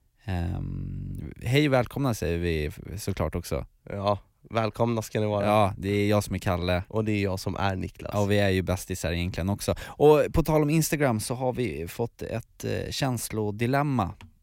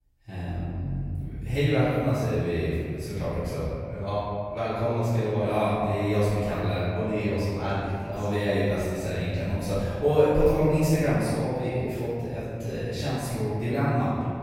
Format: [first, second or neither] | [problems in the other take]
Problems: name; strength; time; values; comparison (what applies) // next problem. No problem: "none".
first | off-mic speech; far // room echo; strong; dies away in 2.2 s